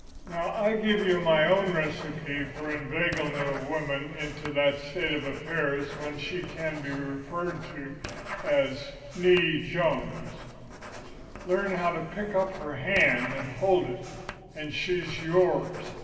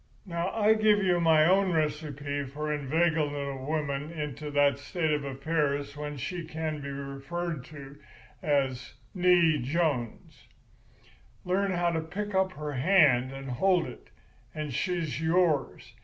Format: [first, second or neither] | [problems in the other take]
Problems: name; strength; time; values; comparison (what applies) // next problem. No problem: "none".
second | background sound (Writing); 14 dB below the speech // room echo; dies away in 2.2 s